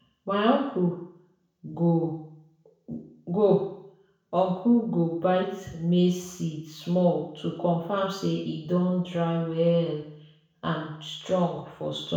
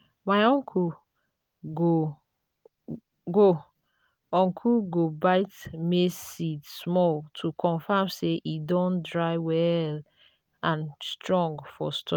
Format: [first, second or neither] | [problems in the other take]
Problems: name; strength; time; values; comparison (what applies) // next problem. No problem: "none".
second | room echo; dies away in 0.6 s